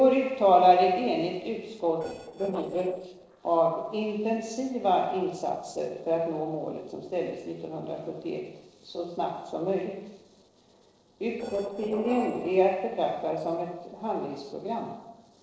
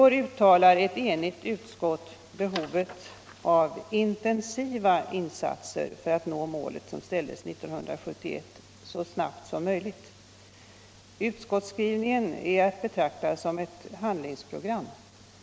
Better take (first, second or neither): second